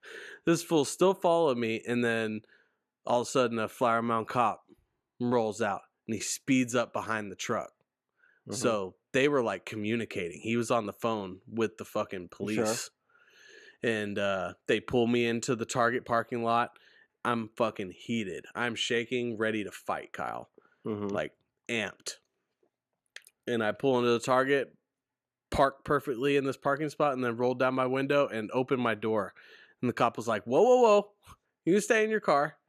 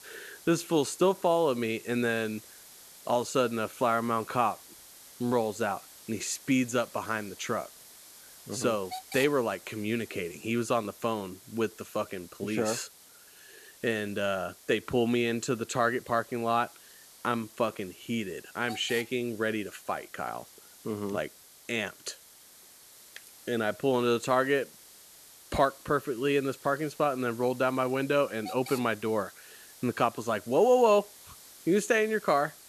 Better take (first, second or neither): first